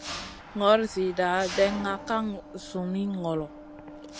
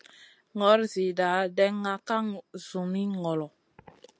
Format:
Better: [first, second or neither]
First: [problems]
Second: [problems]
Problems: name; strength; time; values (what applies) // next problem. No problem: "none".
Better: second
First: background sound (Mechanisms); 13 dB below the speech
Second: none